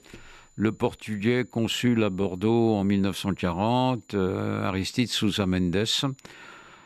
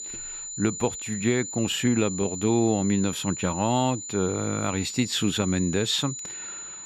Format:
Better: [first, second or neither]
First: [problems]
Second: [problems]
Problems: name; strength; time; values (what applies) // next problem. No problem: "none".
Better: first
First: high-pitched whine; faint; throughout; 7 kHz, 35 dB below the speech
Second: high-pitched whine; loud; throughout; 7 kHz, 8 dB below the speech